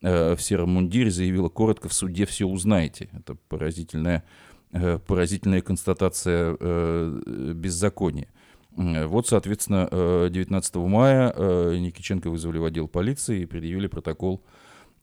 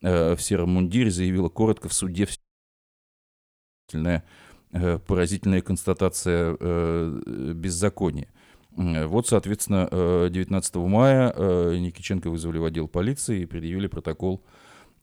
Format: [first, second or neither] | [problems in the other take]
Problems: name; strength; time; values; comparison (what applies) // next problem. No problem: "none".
first | audio cutting out; at 2.5 s for 1.5 s